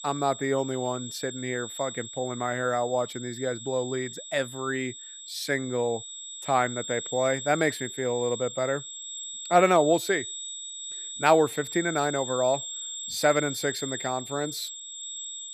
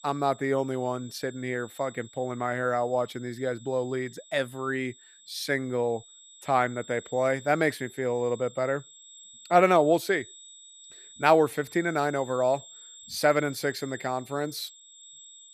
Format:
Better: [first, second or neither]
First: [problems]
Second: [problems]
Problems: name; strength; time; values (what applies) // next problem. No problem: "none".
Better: second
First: high-pitched whine; loud; throughout; 3.5 kHz, 8 dB below the speech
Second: high-pitched whine; faint; throughout; 3.5 kHz, 20 dB below the speech